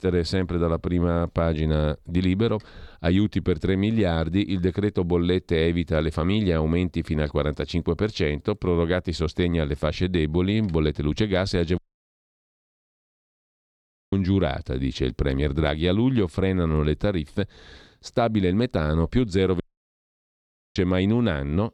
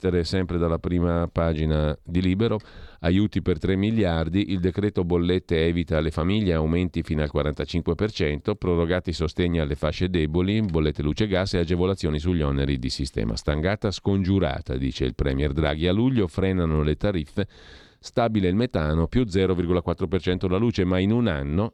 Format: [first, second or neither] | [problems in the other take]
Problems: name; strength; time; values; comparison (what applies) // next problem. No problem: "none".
second | audio cutting out; at 12 s for 2.5 s and at 20 s for 1 s